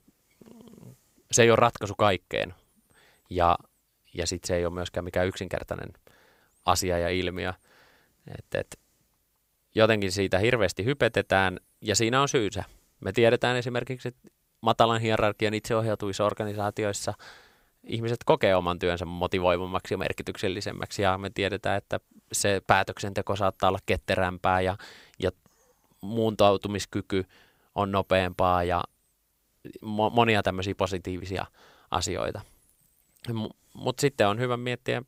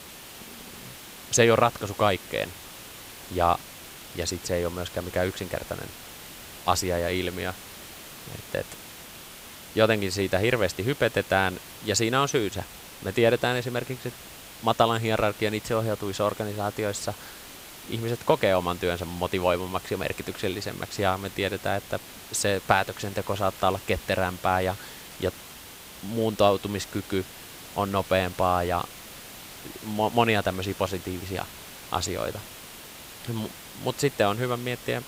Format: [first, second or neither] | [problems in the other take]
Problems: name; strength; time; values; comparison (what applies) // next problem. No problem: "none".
first | hiss; noticeable; throughout; 15 dB below the speech